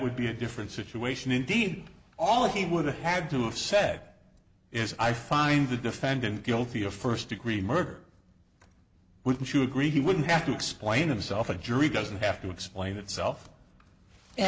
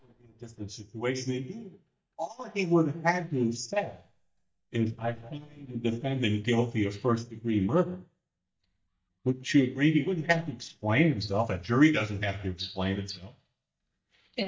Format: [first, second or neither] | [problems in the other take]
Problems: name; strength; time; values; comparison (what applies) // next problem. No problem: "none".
first | noise reduction (neural mask model DeepFilterNet 3)